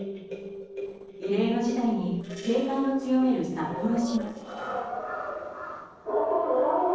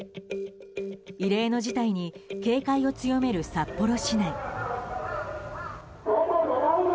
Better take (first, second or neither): second